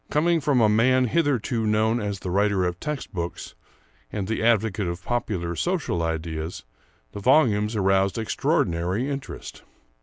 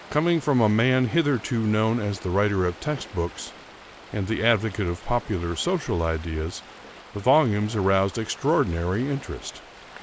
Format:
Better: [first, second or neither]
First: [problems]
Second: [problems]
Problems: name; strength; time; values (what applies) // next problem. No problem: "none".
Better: first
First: none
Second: background sound (Stream); 19 dB below the speech